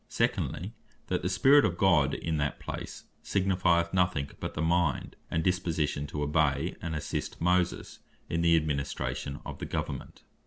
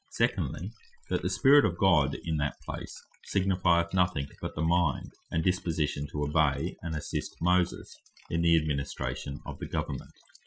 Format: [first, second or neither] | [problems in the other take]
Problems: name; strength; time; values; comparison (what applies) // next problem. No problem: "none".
first | noise reduction (classical method Wiener filter)